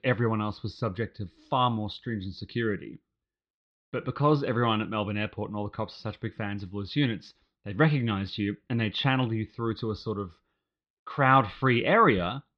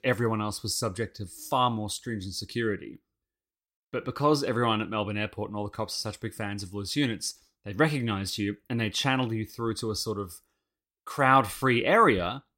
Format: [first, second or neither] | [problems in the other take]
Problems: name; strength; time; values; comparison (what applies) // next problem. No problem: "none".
second | muffled; slightly; fading above 4 kHz